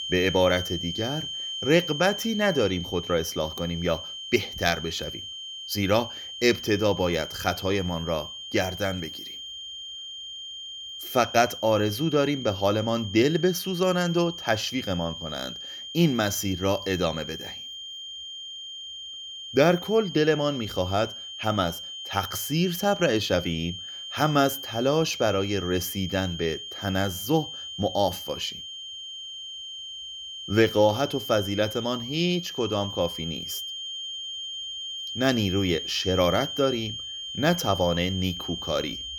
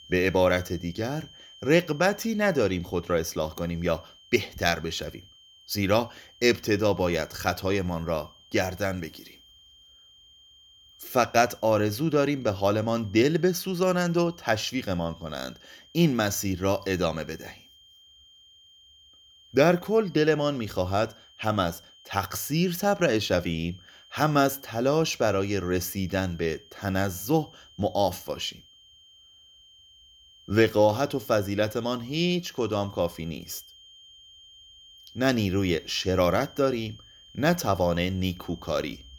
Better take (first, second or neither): second